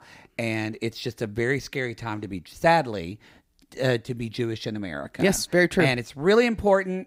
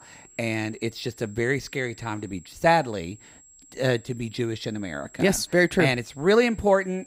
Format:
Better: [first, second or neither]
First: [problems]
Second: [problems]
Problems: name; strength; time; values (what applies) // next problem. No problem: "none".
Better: first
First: none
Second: high-pitched whine; faint; throughout; 7.5 kHz, 25 dB below the speech